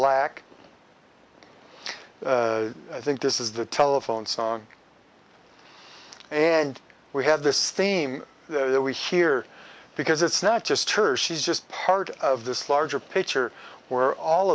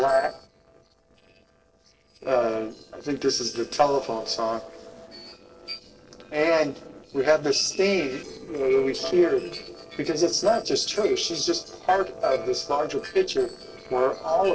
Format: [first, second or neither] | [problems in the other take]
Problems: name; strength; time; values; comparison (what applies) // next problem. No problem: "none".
first | noise reduction (neural separator model SepFormer DNS4)